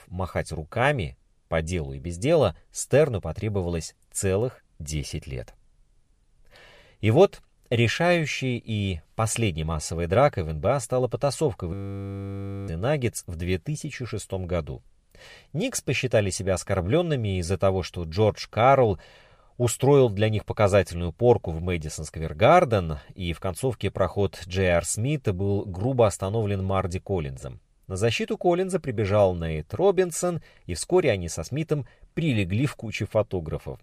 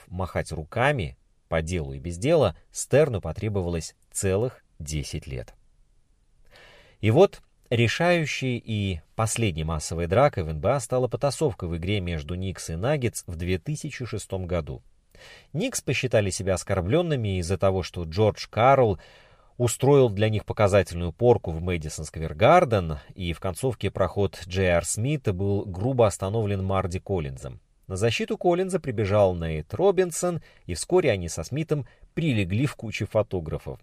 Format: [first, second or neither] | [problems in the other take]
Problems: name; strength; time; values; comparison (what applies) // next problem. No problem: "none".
second | audio freezing; at 12 s for 1 s